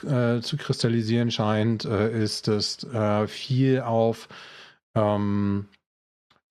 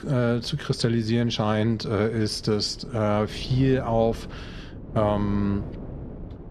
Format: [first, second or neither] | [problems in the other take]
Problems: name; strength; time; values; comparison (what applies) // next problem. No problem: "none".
first | wind noise on the microphone; occasional gusts; 20 dB below the speech